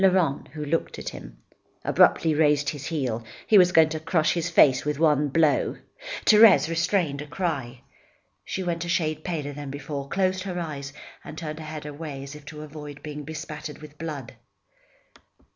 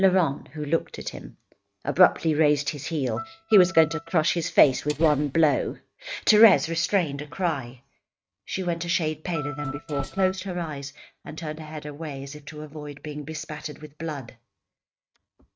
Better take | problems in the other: first | noise reduction (neural mask model RNNoise)

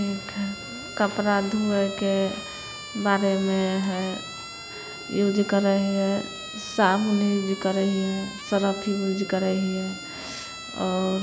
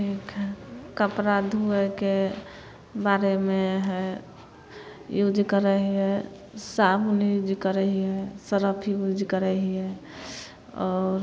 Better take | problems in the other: second | background sound (Siren); 13 dB below the speech

